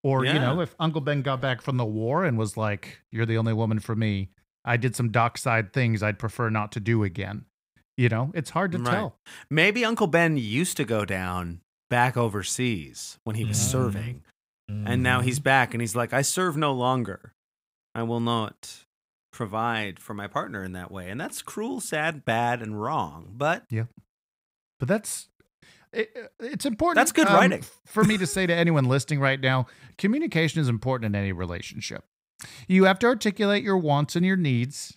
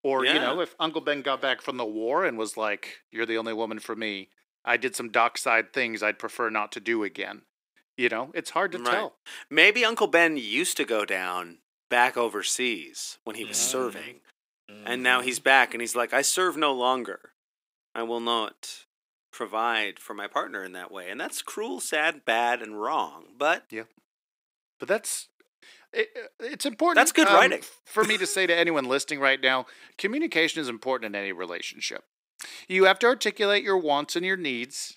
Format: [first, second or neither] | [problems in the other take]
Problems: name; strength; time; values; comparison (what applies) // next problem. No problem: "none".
first | thin; somewhat; fading below 300 Hz